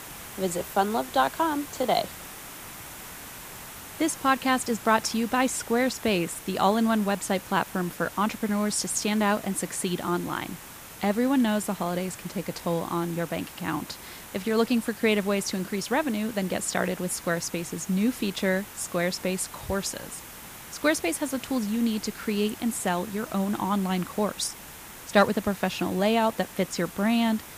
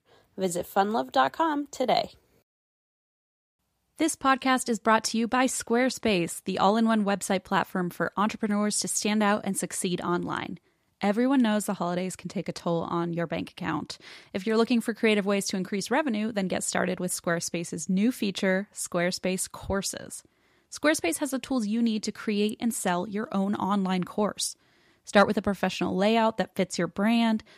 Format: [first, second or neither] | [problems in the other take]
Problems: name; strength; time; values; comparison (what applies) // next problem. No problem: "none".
second | hiss; noticeable; throughout; 15 dB below the speech